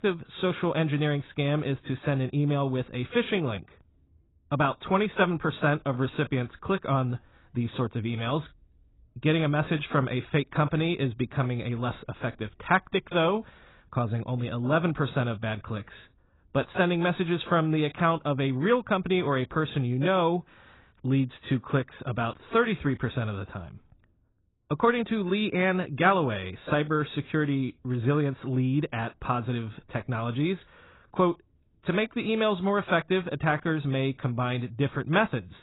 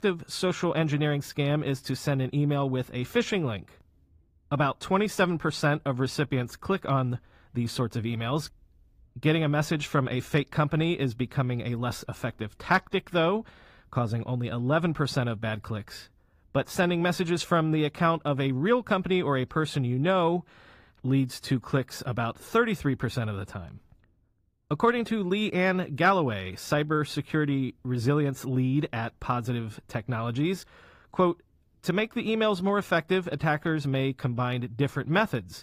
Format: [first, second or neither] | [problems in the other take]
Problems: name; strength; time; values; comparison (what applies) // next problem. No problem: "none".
second | garbled, watery; badly; nothing above 4 kHz; slightly in the second